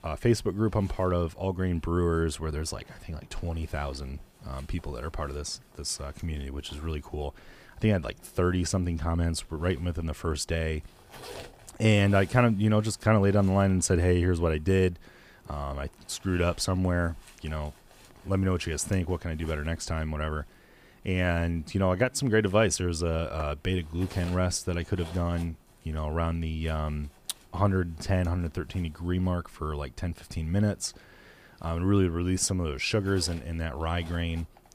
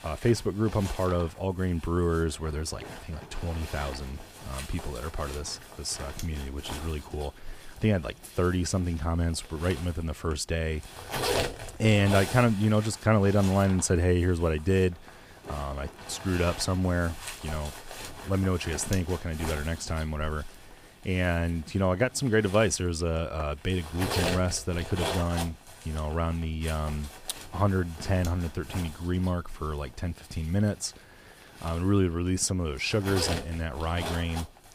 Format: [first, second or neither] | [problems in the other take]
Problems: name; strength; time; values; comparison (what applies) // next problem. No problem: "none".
first | household noises; loud; throughout; 10 dB below the speech; faint in the first